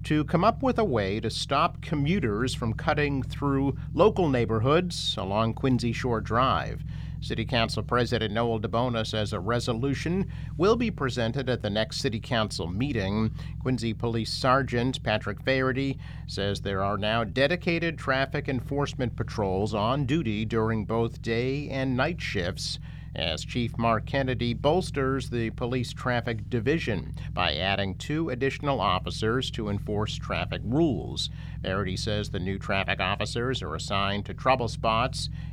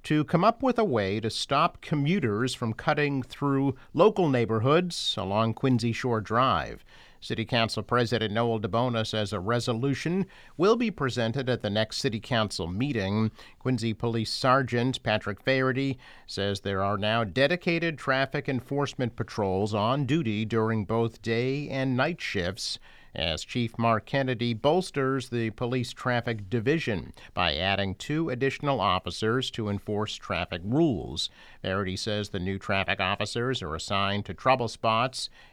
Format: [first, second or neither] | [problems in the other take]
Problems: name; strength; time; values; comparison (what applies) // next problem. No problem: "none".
second | low rumble; faint; throughout; 25 dB below the speech